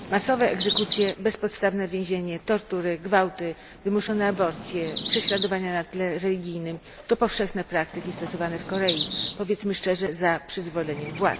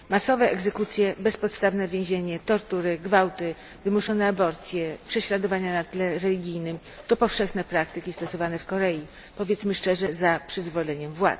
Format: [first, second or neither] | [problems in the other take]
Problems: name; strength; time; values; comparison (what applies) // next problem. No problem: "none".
second | background sound (Chirp, tweet); 9 dB below the speech